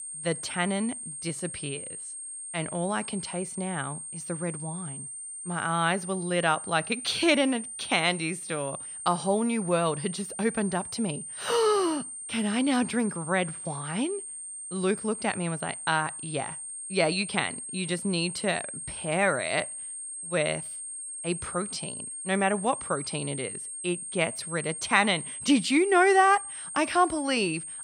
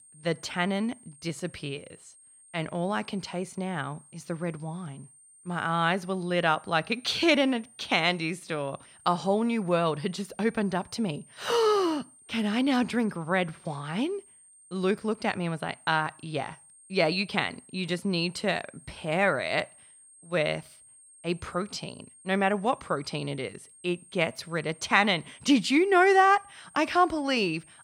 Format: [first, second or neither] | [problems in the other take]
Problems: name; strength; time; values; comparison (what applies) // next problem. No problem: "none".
second | high-pitched whine; loud; throughout; 8.5 kHz, 8 dB below the speech; faint in the second